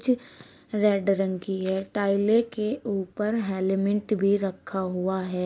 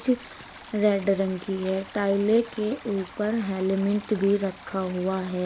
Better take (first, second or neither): first